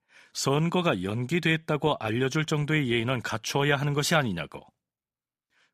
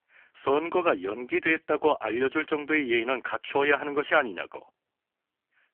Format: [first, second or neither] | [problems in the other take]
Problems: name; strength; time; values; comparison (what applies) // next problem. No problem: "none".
first | phone-call audio; poor line; nothing above 3 kHz